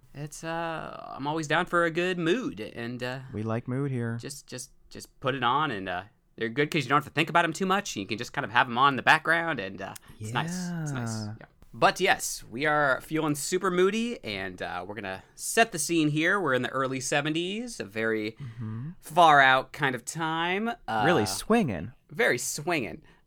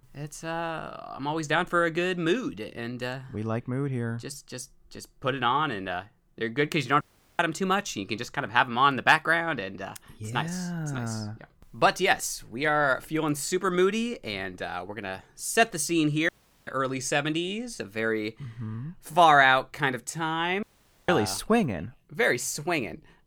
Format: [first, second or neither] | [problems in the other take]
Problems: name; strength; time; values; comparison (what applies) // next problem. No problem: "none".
first | audio cutting out; at 7 s, at 16 s and at 21 s